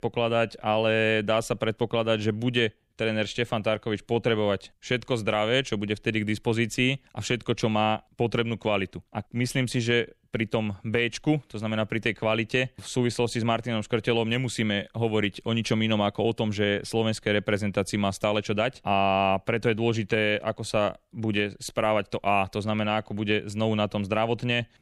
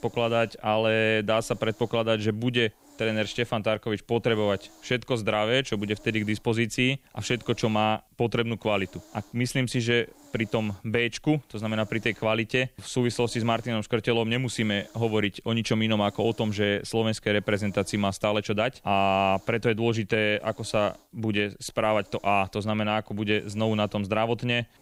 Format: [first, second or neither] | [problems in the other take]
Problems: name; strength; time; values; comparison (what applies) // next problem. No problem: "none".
first | hiss; faint; throughout; 30 dB below the speech